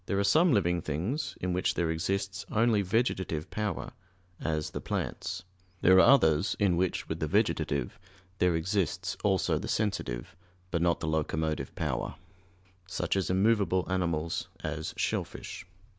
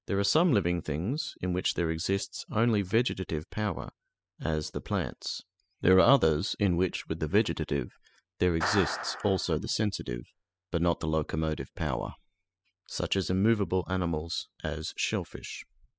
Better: first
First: none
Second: noise reduction (classical method spectral subtraction)

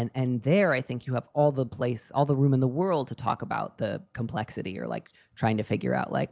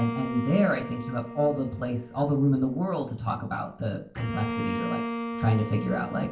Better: first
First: none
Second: background sound (Bowed string instrument); 8 dB below the speech // room echo; dies away in 0.3 s

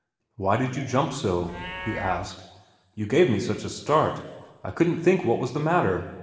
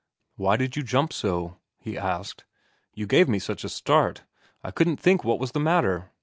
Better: second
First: background sound (Livestock, farm animals, working animals); 19 dB below the speech // room echo; dies away in 1.2 s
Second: none

